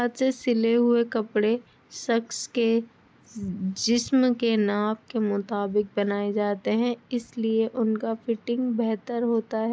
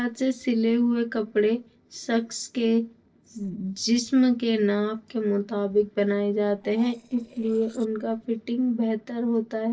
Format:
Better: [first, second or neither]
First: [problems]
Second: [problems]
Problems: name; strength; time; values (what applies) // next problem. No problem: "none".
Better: first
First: none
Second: noise reduction (neural separator model SepFormer DNS4)